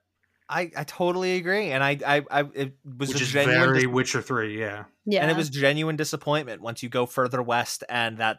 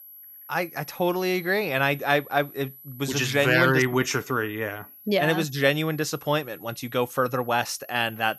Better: first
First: none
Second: high-pitched whine; noticeable; throughout; 11.5 kHz, 20 dB below the speech

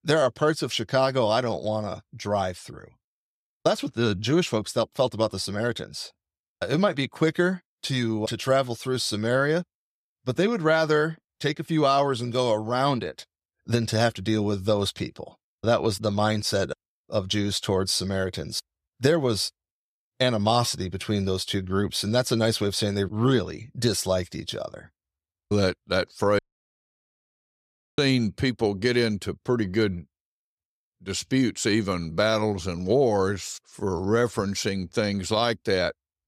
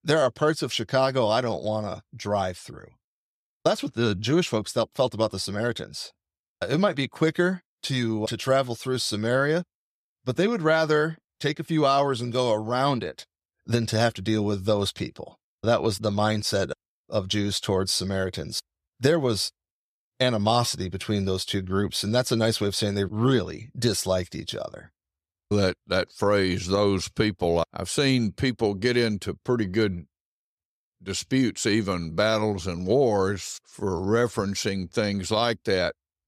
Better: second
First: audio cutting out; at 26 s for 1.5 s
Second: none

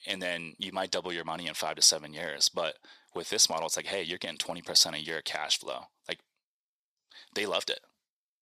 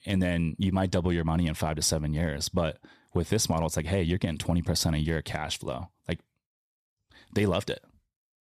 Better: second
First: thin; very; fading below 500 Hz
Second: none

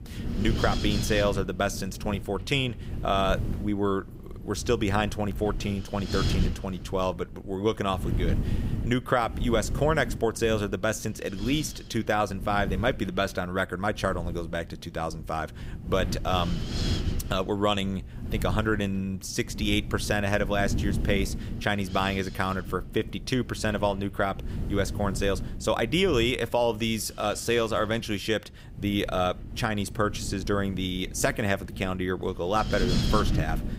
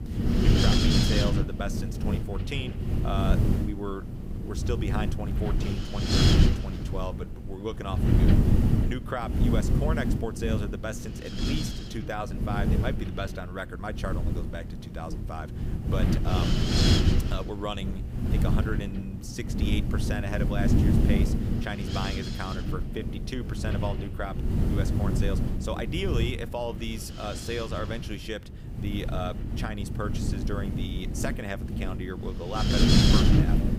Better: first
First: wind noise on the microphone; occasional gusts; 15 dB below the speech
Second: wind noise on the microphone; heavy; 2 dB above the speech

